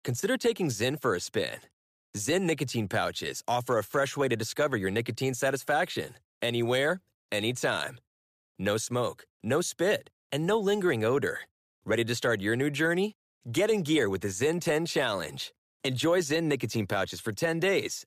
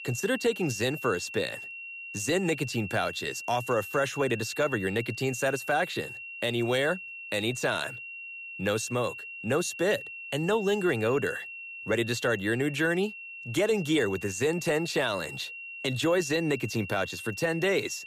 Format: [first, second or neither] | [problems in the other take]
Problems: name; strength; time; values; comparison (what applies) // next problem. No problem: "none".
first | high-pitched whine; loud; throughout; 2.5 kHz, 10 dB below the speech